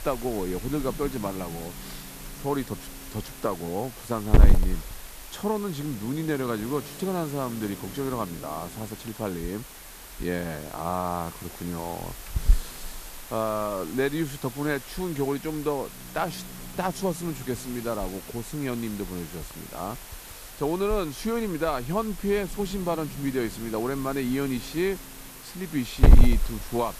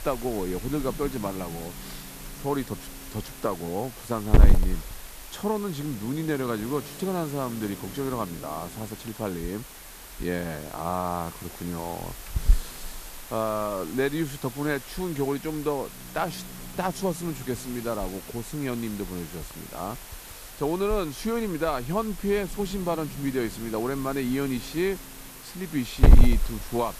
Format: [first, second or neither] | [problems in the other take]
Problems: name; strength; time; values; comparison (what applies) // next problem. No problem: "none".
neither | hiss; loud; throughout; 2 dB below the speech; the same in both